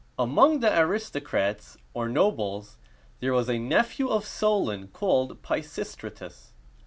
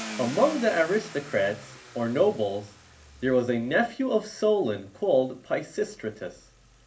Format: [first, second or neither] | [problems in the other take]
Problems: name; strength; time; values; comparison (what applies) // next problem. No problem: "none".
first | background sound (Car); 17 dB below the speech // room echo; dies away in 0.3 s